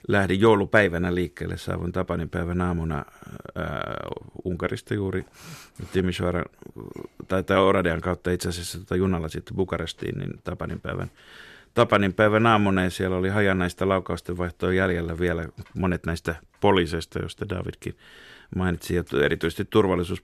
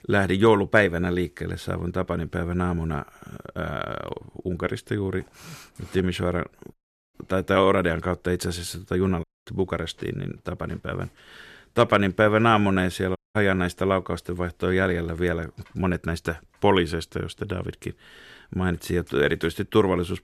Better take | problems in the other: first | audio cutting out; at 6.5 s, at 9 s and at 13 s

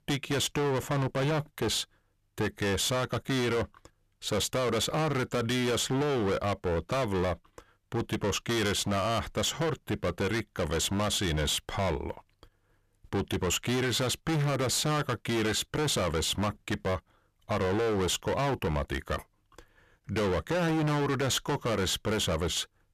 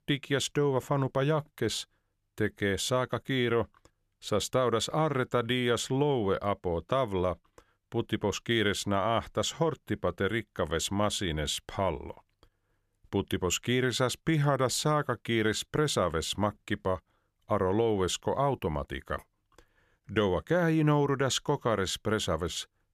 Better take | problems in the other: second | distortion; heavy; 25% of the sound clipped

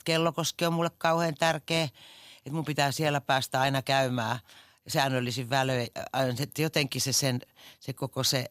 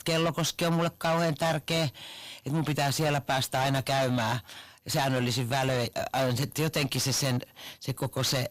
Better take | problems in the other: first | distortion; heavy; 6 dB below the speech

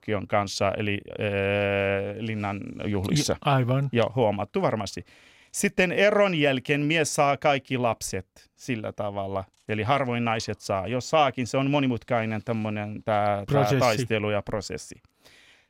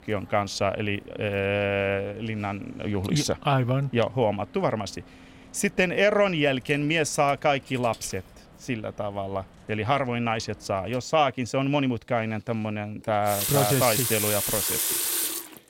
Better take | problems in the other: first | household noises; very loud; throughout; 1 dB above the speech

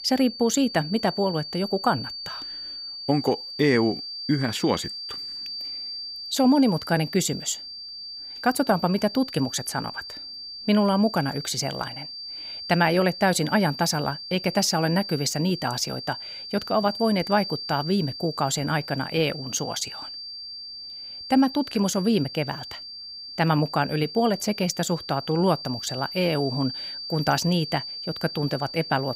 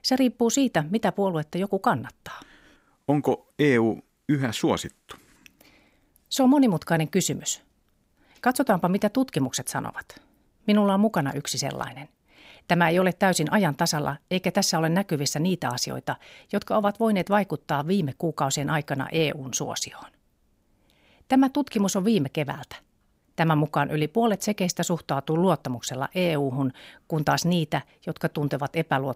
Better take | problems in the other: second | high-pitched whine; loud; throughout; 4.5 kHz, 9 dB below the speech

